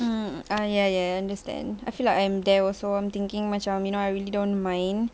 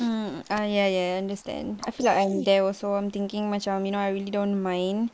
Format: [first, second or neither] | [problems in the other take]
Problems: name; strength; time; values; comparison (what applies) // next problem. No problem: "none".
first | noise reduction (neural mask model Resemble Enhance denoiser)